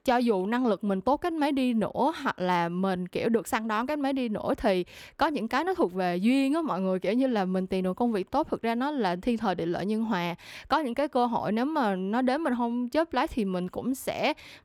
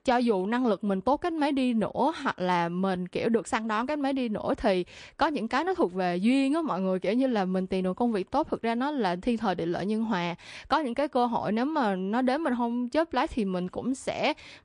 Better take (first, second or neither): first